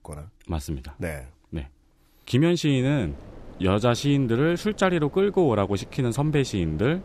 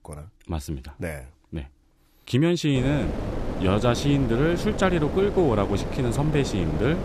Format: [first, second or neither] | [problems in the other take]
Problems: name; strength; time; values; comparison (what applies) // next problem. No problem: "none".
first | wind noise on the microphone; heavy; from 3 s on; 7 dB below the speech; occasional gusts in the first